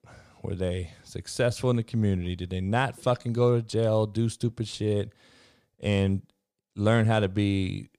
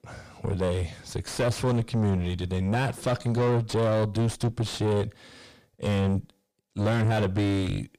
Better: first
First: none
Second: distortion; heavy; 4 dB below the speech

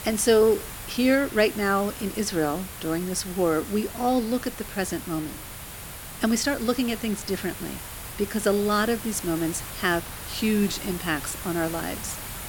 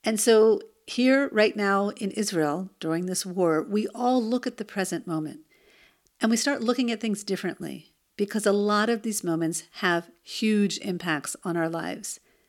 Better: second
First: hiss; noticeable; throughout; 10 dB below the speech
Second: none

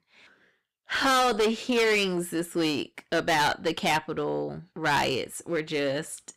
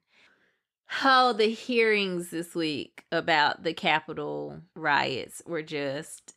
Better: second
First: distortion; heavy; 12% of the sound clipped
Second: none

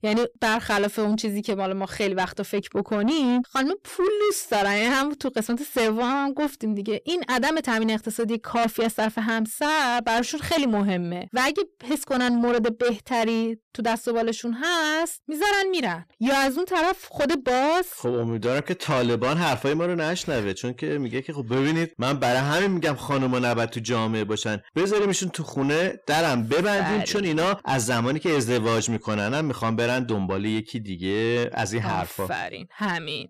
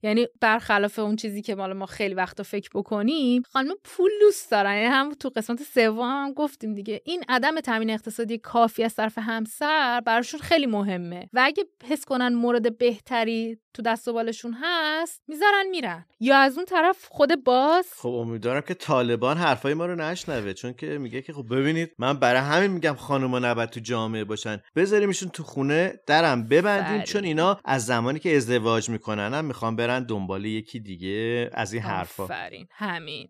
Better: second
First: distortion; heavy; 6 dB below the speech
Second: none

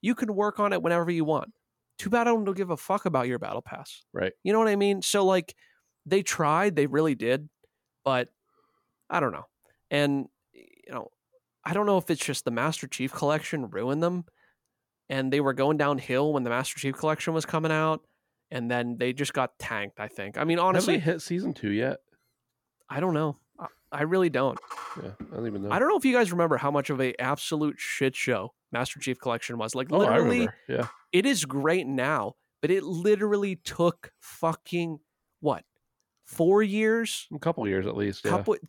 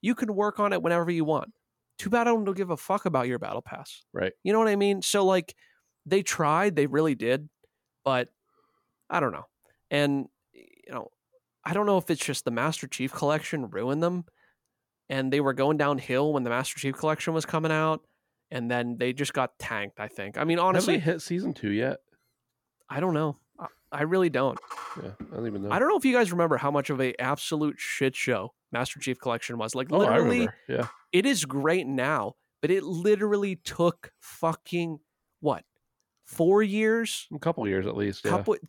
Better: neither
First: none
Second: none

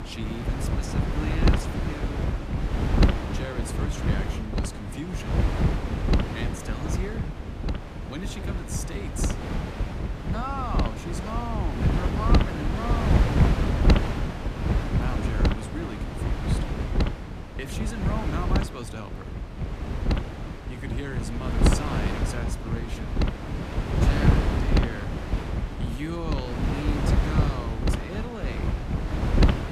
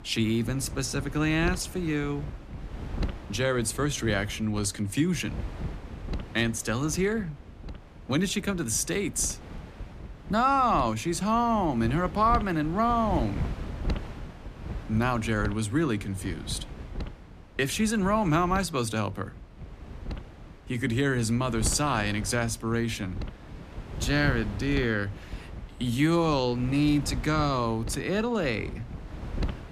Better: second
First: wind noise on the microphone; heavy; 3 dB above the speech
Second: wind noise on the microphone; occasional gusts; 20 dB below the speech

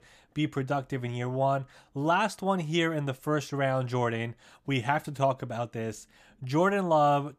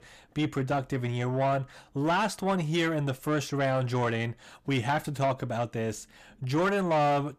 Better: first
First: none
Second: distortion; slight; 10 dB below the speech

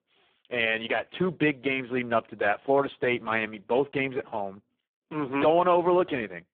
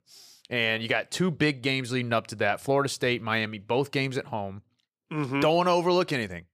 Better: second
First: phone-call audio; poor line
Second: none

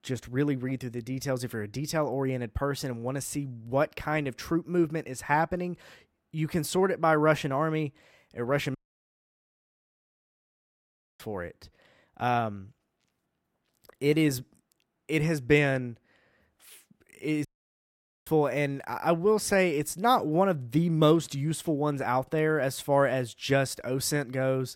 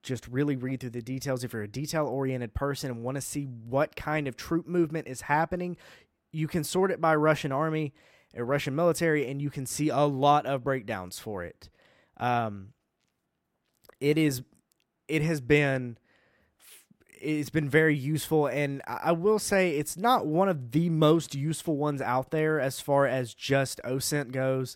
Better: second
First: audio cutting out; at 9 s for 2.5 s and at 17 s for 1 s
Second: none

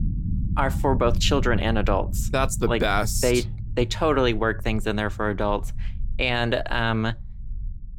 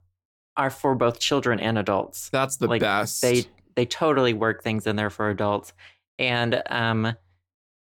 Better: second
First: low rumble; faint; throughout; 20 dB below the speech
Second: none

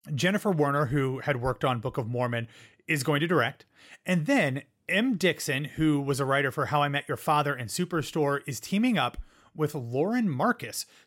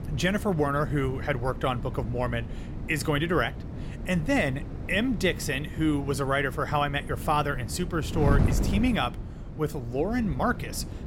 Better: first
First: none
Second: wind noise on the microphone; occasional gusts; 15 dB below the speech

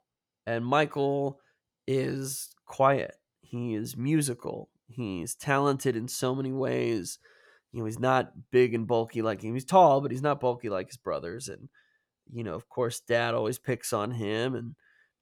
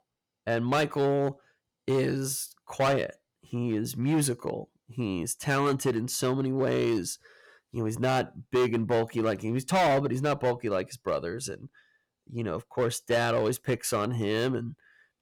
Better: first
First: none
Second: distortion; heavy; 7% of the sound clipped

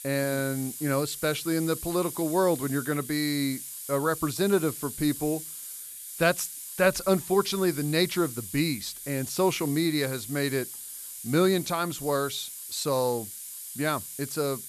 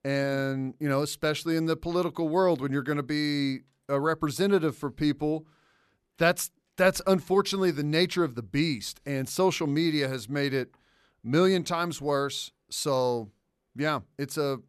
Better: second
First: hiss; loud; throughout; 9 dB below the speech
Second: none

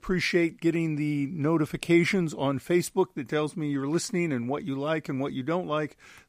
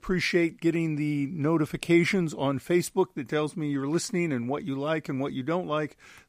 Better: neither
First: none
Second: none

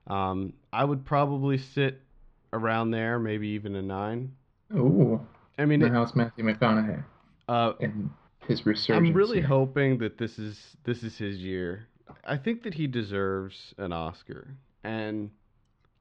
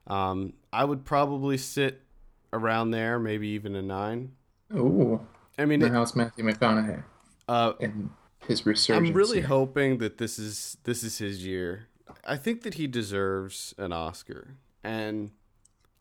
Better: second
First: muffled; very slightly; fading above 4 kHz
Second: none

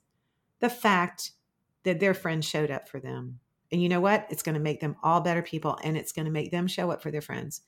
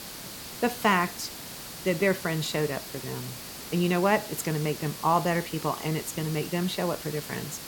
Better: first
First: none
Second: hiss; loud; throughout; 10 dB below the speech

